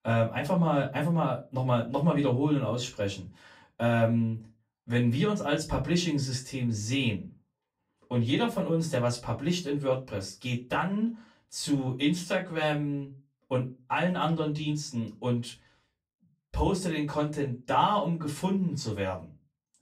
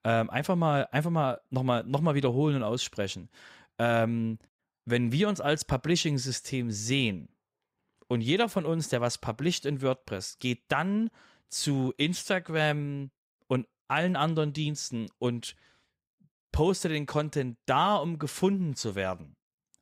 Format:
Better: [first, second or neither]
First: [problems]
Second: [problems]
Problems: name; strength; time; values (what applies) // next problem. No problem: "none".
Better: second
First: off-mic speech; far // room echo; very slight; dies away in 0.2 s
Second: none